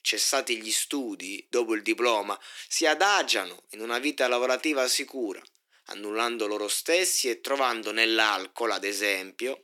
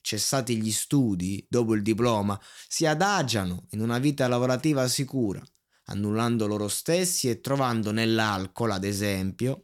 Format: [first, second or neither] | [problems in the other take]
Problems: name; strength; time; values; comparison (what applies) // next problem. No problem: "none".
second | thin; very; fading below 300 Hz